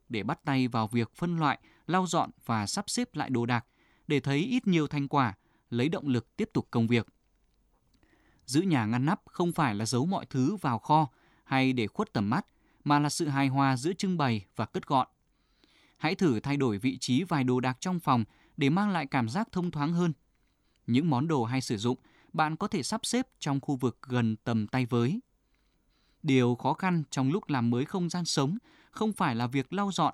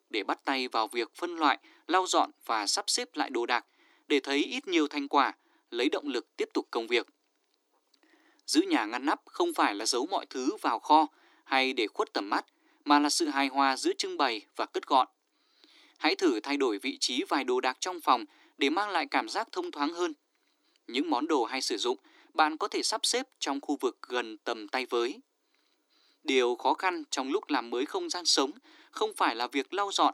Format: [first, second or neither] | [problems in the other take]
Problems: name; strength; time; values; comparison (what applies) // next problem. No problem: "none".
first | thin; somewhat; fading below 300 Hz